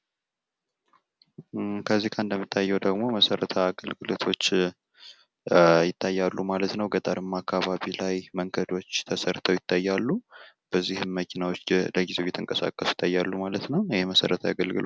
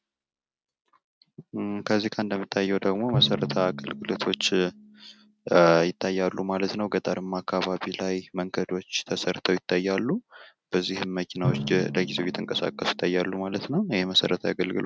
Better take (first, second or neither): first